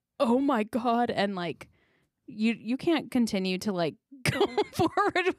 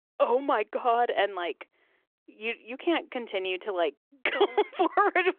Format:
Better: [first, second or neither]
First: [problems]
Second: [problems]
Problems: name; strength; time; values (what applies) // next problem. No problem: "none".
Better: first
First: none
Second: phone-call audio; nothing above 3.5 kHz